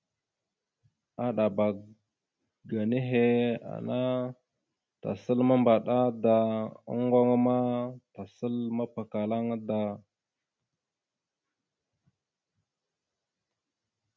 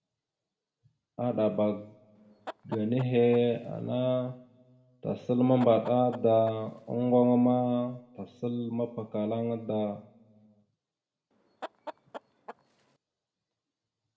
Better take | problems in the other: first | background sound (Chicken, rooster); 17 dB below the speech // room echo; dies away in 1 s

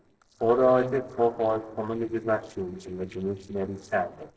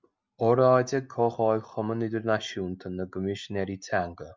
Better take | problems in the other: second | noise reduction (neural separator model SepFormer DNS4)

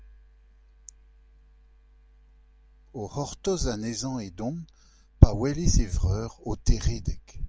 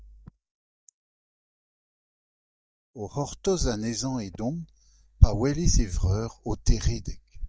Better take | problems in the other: first | noise reduction (neural mask model DeepFilterNet 3)

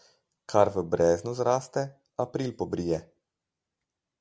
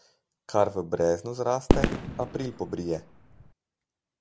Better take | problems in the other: first | background sound (Fireworks); 2 dB above the speech

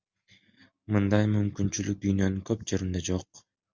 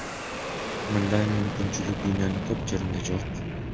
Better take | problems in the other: first | background sound (Fixed-wing aircraft, airplane); 2 dB below the speech

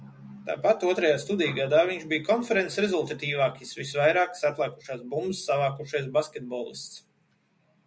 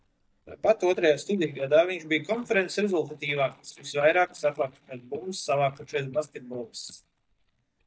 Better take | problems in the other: first | noise reduction (neural mask model DeepFilterNet 3)

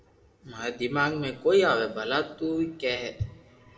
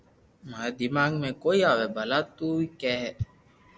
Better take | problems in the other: second | room echo; dies away in 1.3 s

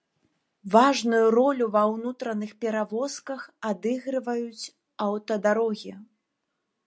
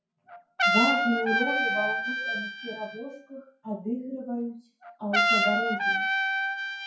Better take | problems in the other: first | noise reduction (classical method WPE with log-MMSE)

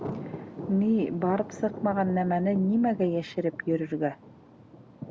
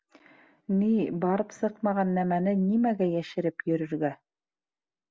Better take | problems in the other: second | background sound (Thunder); 13 dB below the speech

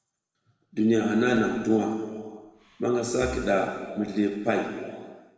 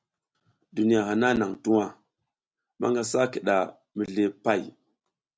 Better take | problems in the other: second | background sound (Breathing); 19 dB below the speech // room echo; dies away in 1.5 s

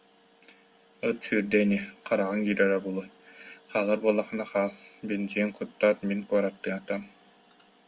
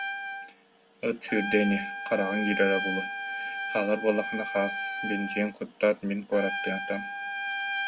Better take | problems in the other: first | background sound (Trumpet); 4 dB below the speech

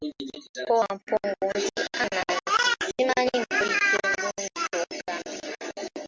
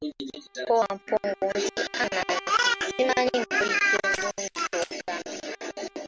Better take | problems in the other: first | background sound (Bowed string instrument + Crack); 19 dB below the speech

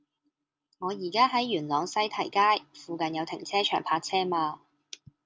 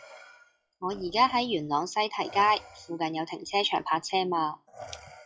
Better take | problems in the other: first | noise reduction (classical method log-MMSE)

